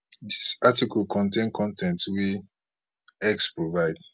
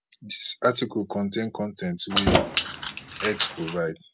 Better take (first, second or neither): first